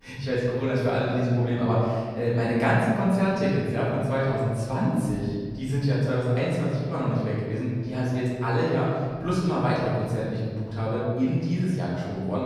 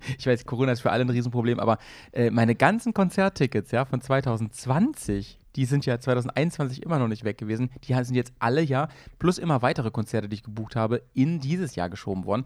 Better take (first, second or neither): second